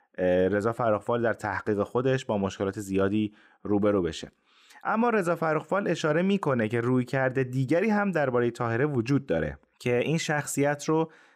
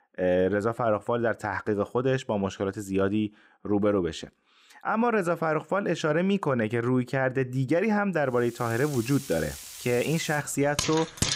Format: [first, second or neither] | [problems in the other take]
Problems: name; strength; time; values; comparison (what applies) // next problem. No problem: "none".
first | household noises; loud; from 8.5 s on; 9 dB below the speech